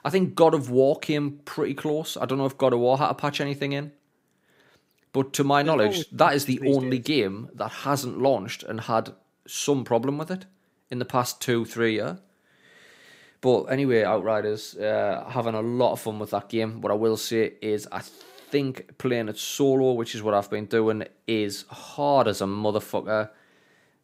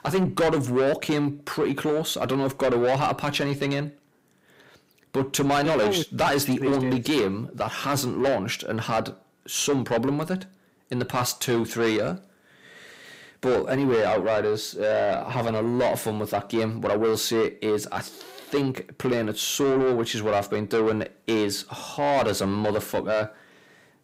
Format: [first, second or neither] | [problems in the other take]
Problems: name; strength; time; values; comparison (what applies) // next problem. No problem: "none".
first | distortion; heavy; 7 dB below the speech